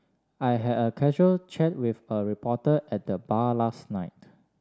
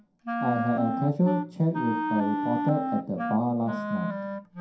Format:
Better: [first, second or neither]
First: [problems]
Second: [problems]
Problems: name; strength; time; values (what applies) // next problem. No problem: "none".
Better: first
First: none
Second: background sound (Wind instrument, woodwind instrument); 3 dB below the speech // room echo; dies away in 0.5 s